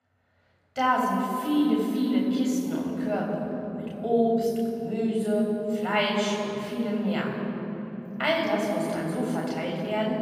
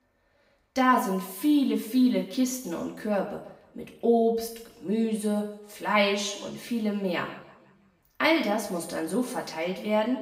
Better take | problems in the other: second | room echo; strong; dies away in 3 s; slight in the second // off-mic speech; far; far in the second

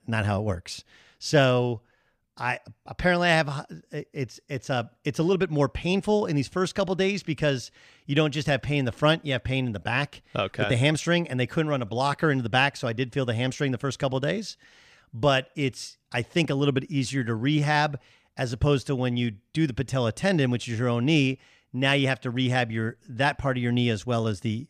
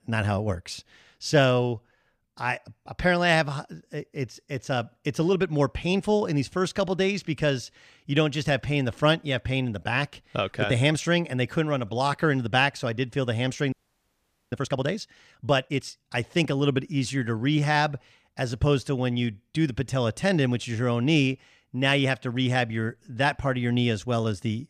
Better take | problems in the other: first | audio freezing; at 14 s for 1 s

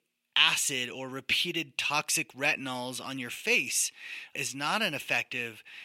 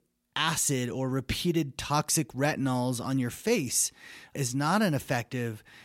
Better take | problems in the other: second | thin; somewhat; fading below 1 kHz

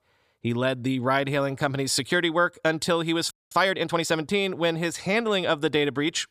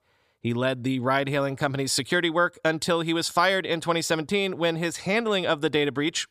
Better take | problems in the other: second | audio freezing; at 3.5 s

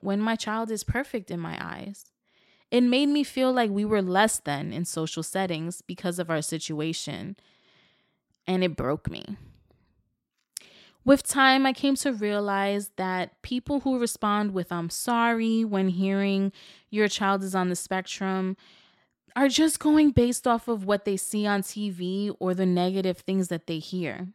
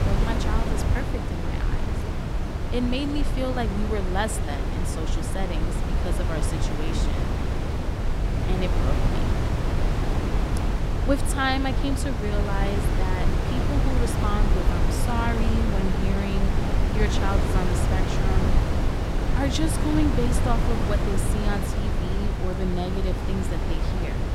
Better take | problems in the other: first | wind noise on the microphone; heavy; 1 dB below the speech

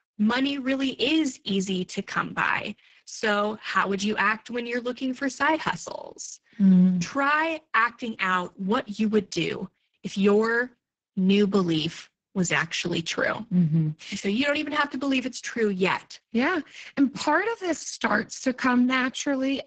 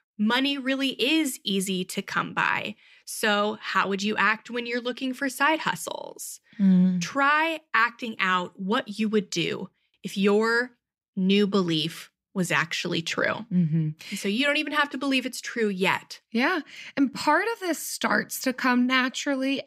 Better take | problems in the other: second | garbled, watery; badly; nothing above 7.5 kHz

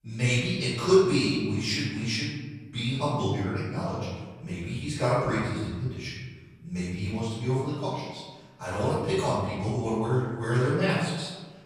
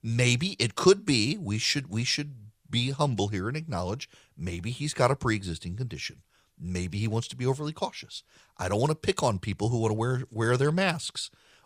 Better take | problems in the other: second | off-mic speech; far // room echo; strong; dies away in 1.3 s

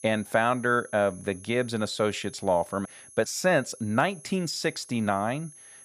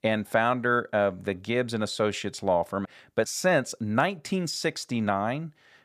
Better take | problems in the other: second | high-pitched whine; noticeable; throughout; 10.5 kHz, 20 dB below the speech

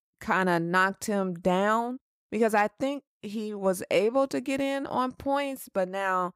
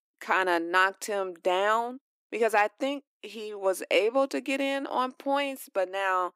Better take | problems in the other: first | thin; very slightly; fading below 300 Hz

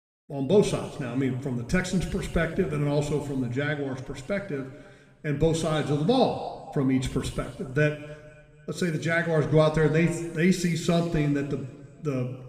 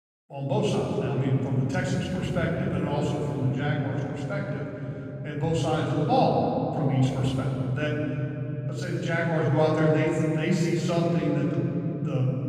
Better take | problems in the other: first | room echo; strong; dies away in 3 s; slight in the first // off-mic speech; far; somewhat distant in the first

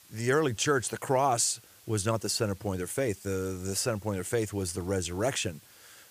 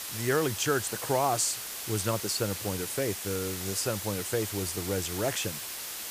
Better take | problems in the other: first | hiss; loud; throughout; 4 dB below the speech; faint in the first

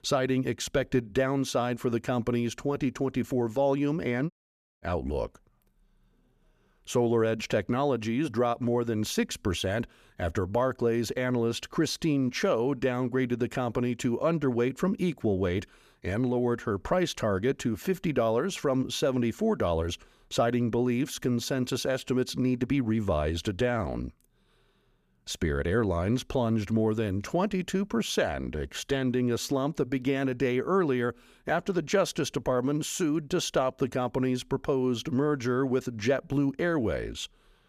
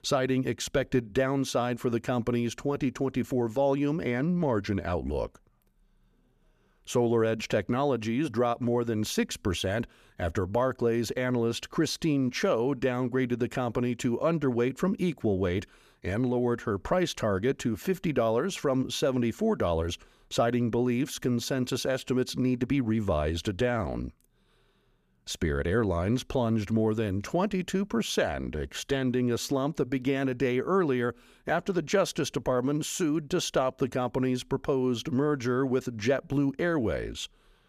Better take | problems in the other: second | audio cutting out; at 4.5 s for 0.5 s

